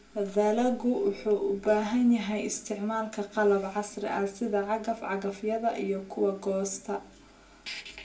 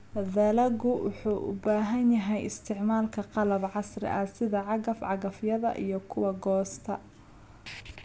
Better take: second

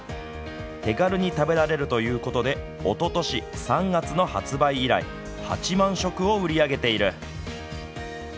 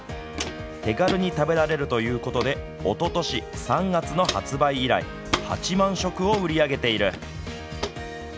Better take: first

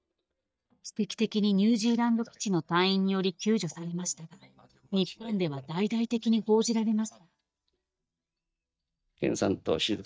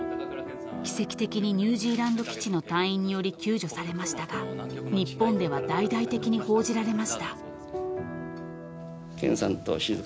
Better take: second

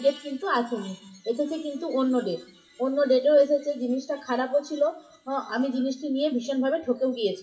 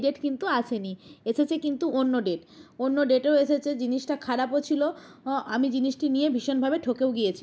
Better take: second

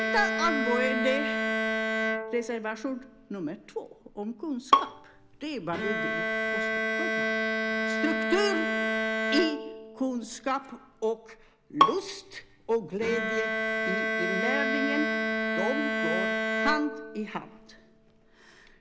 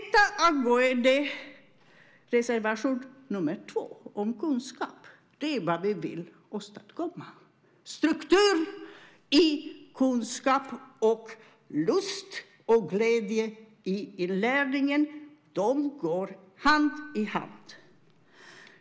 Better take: second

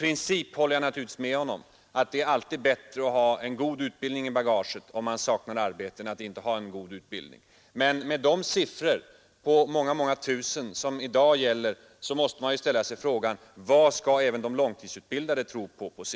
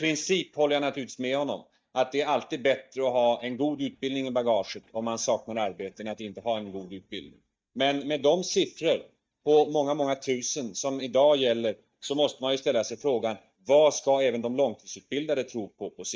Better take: first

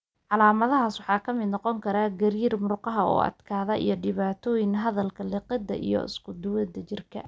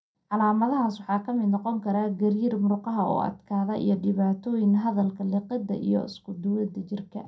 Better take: first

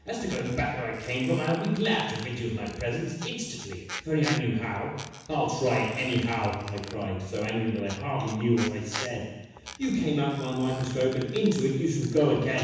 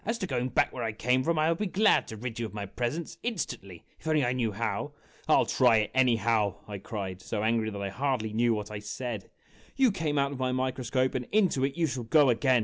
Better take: second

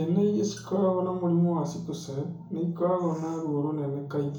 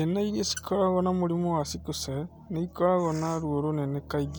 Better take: second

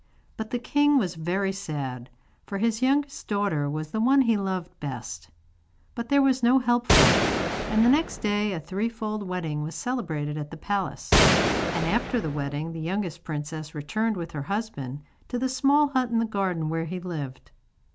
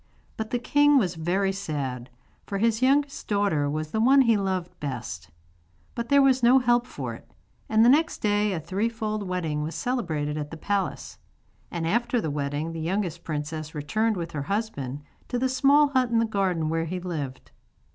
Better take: second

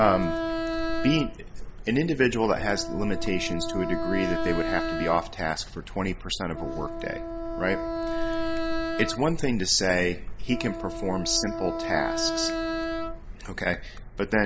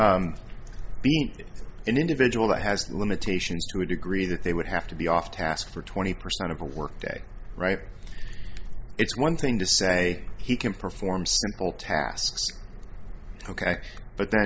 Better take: second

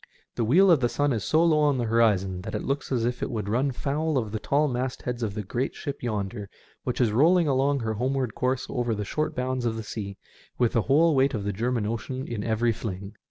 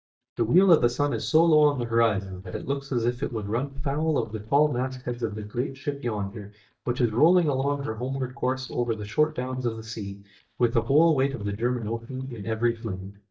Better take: first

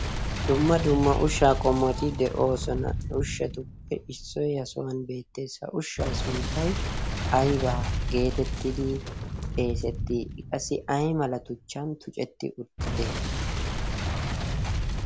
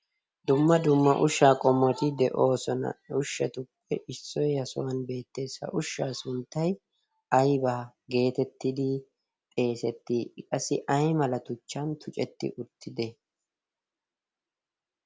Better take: second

